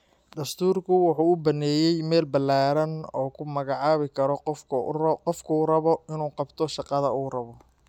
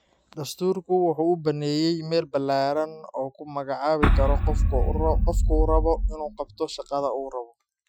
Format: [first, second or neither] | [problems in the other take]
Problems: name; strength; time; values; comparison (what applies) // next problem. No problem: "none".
first | noise reduction (classical method Wiener filter)